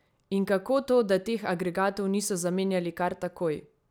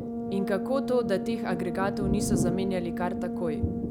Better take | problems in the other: first | background sound (Brass instrument + Thunder); 1 dB above the speech

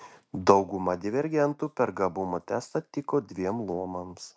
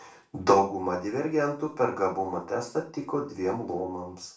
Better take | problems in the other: first | room echo; dies away in 0.3 s

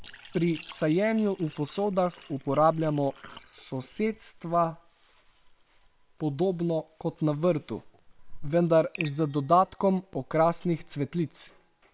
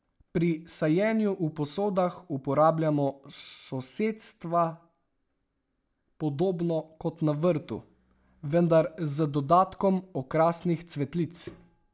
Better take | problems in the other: second | noise reduction (neural separator model SepFormer WHAM!)

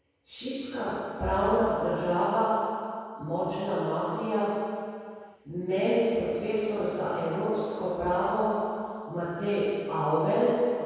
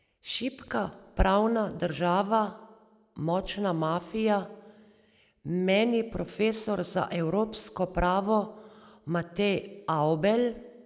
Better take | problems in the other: second | room echo; dies away in 2.2 s

